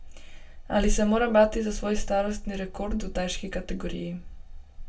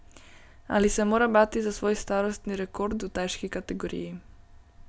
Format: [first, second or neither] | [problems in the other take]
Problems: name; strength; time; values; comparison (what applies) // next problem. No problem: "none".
second | room echo; dies away in 0.2 s